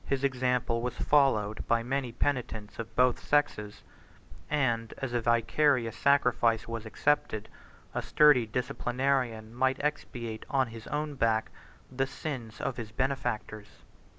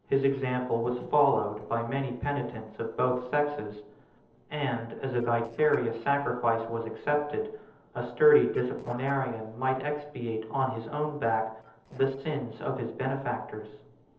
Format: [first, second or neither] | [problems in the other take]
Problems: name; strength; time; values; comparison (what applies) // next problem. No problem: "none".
first | noise reduction (neural separator model SepFormer DNS4)